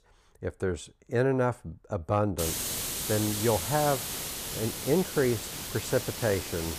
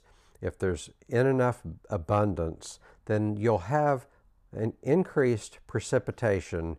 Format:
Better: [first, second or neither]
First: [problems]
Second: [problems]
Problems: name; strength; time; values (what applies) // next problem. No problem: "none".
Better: second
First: hiss; loud; from 2.5 s on; 3 dB below the speech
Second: none